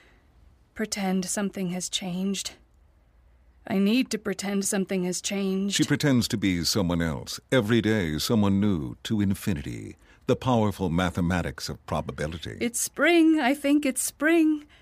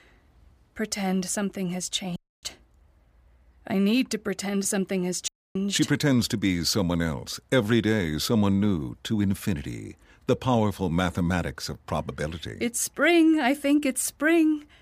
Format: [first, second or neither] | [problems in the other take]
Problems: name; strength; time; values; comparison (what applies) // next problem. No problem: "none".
first | audio cutting out; at 2 s and at 5.5 s